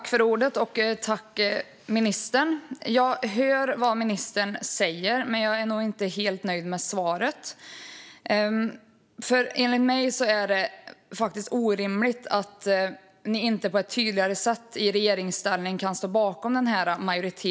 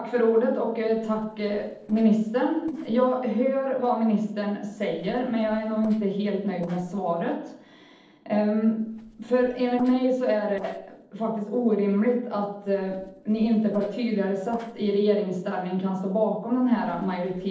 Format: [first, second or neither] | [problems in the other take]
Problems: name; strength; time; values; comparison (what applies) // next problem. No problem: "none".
first | noise reduction (neural separator model SepFormer DNS4)